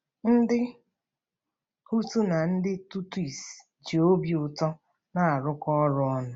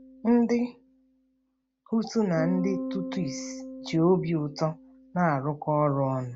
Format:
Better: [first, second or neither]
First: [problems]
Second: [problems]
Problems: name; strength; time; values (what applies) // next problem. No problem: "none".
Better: first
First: none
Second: background sound (Bass guitar); 11 dB below the speech